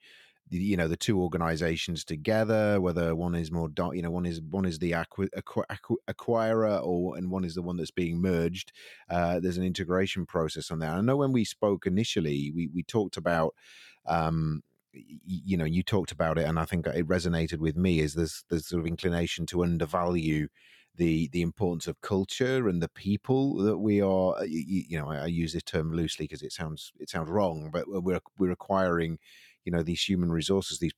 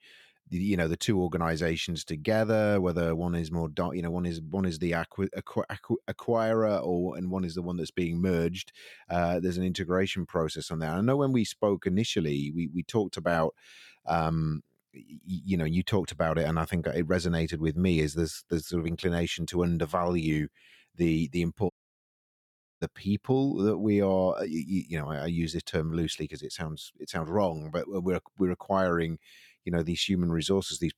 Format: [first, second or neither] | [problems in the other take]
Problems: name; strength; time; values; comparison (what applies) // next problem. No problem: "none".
first | audio cutting out; at 22 s for 1 s